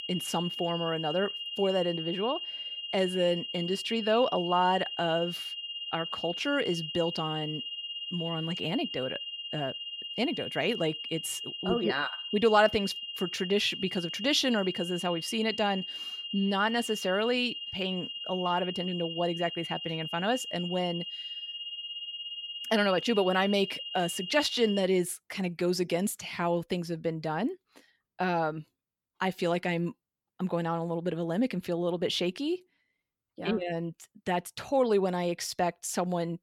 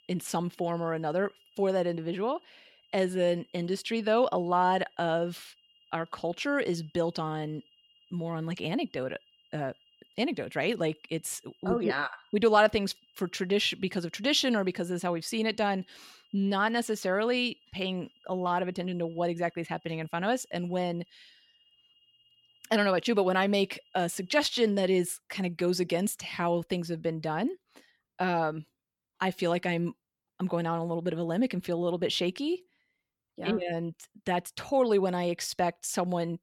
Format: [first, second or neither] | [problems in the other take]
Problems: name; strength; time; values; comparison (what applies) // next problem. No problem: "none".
second | high-pitched whine; loud; until 25 s; 3 kHz, 6 dB below the speech; faint in the second